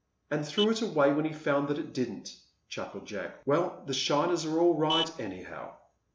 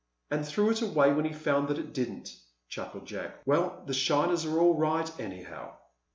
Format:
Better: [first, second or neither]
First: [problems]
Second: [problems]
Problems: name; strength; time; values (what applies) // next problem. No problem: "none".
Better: second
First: background sound (Vehicle horn, car horn, honking); 13 dB below the speech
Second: none